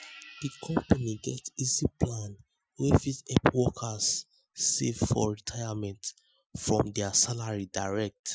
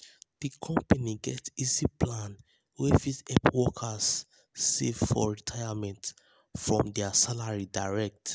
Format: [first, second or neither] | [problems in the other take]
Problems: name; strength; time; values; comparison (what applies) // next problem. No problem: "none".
second | noise reduction (classical method Wiener filter)